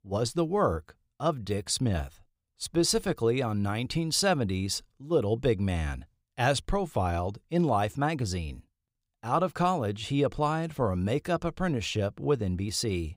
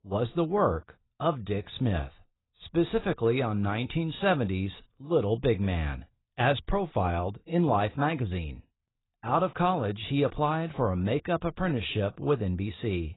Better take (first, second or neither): first